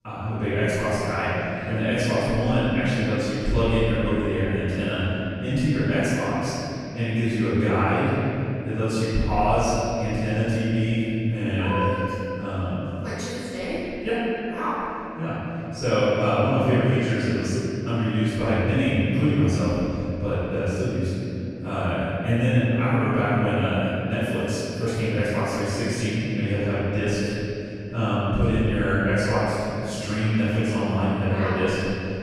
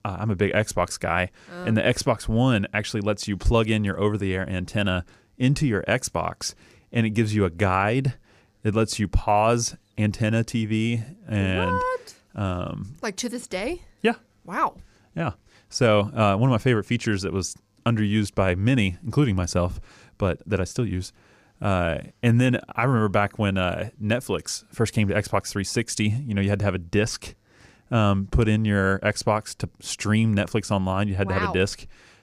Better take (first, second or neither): second